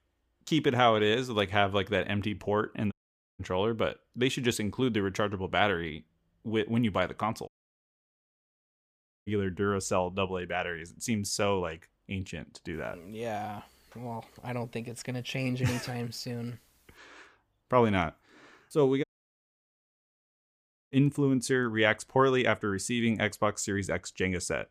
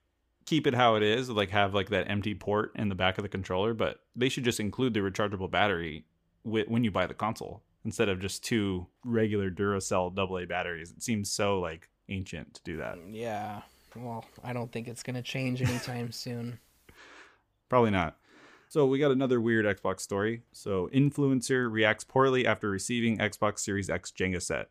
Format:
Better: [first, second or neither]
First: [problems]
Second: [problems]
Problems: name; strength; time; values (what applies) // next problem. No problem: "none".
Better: second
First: audio cutting out; at 3 s, at 7.5 s for 2 s and at 19 s for 2 s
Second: none